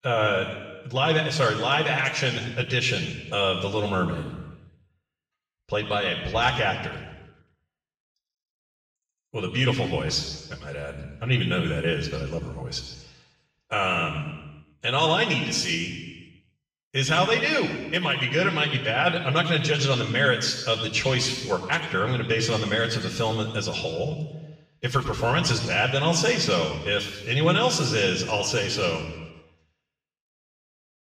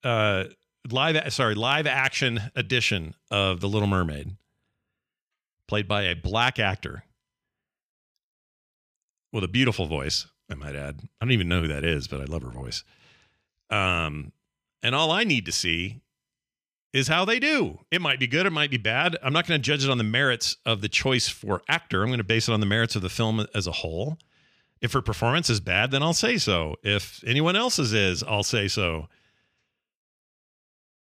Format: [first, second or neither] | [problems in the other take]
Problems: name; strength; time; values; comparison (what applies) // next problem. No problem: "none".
second | room echo; noticeable; dies away in 1.1 s // off-mic speech; far